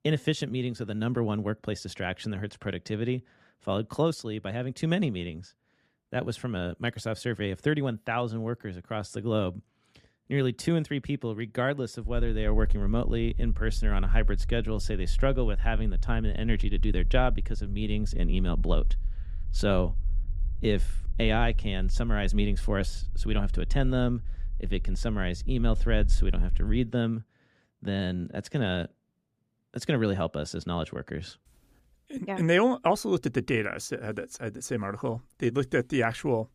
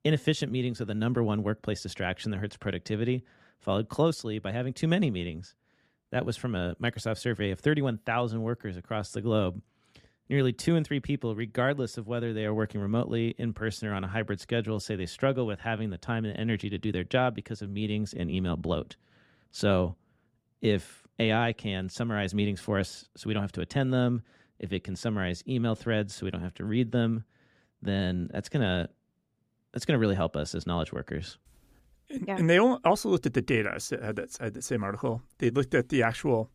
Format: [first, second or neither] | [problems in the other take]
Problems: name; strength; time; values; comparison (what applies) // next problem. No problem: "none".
second | low rumble; faint; from 12 to 27 s; 25 dB below the speech